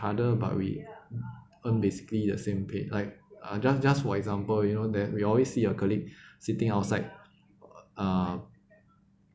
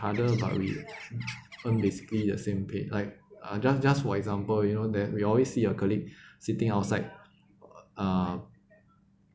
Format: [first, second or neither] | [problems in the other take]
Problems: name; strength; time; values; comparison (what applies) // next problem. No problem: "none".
first | background sound (Bird); 16 dB below the speech